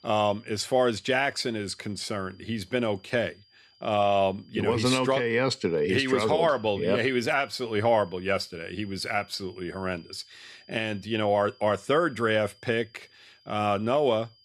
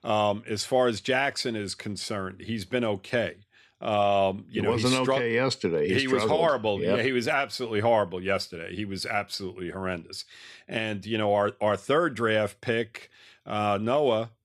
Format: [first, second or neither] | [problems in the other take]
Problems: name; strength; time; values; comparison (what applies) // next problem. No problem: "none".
second | high-pitched whine; faint; throughout; 5 kHz, 30 dB below the speech